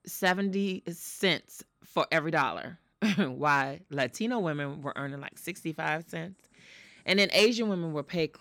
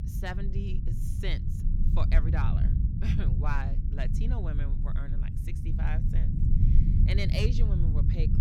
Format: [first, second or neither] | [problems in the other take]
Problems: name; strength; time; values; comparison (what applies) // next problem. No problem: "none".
first | low rumble; loud; throughout; 3 dB below the speech